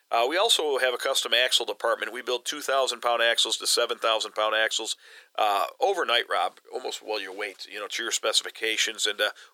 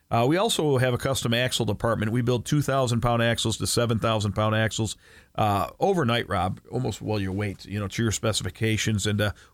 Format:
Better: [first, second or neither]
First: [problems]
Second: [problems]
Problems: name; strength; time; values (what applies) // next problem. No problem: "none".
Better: second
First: thin; very; fading below 400 Hz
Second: none